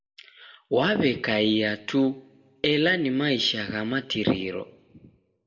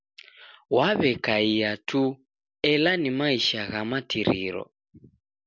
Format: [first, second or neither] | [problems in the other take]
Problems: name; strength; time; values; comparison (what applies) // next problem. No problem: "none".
second | room echo; dies away in 0.6 s